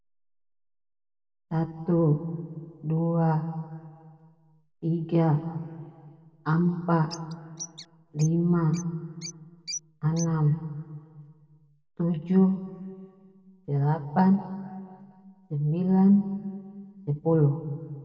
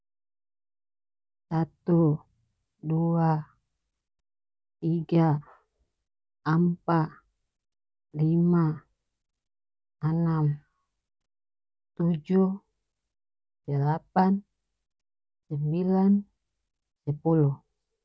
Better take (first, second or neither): second